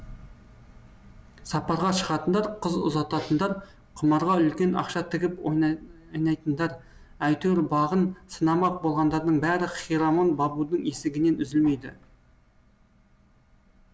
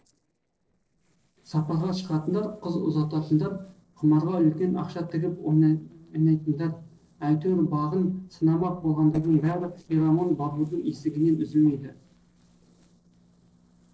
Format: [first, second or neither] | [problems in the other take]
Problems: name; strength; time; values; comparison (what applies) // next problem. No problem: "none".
first | noise reduction (neural separator model SepFormer DNS4)